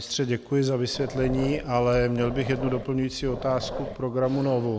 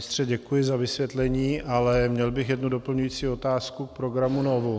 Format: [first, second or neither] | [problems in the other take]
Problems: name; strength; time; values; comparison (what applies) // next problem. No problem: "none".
second | background sound (Growling); 11 dB below the speech